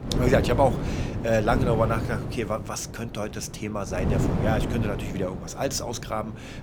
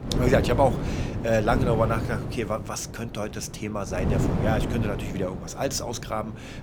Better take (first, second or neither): neither